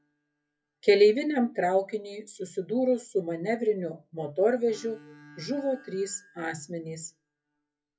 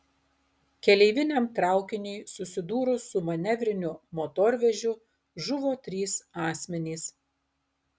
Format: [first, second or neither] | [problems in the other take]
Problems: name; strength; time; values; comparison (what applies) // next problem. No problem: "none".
second | noise reduction (classical method WPE with log-MMSE)